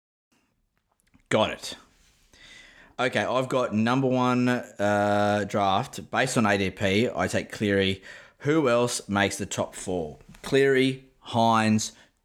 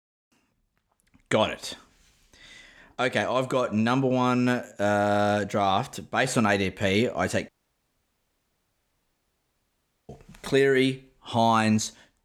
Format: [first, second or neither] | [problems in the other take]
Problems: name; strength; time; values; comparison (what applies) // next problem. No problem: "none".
first | audio cutting out; at 7.5 s for 2.5 s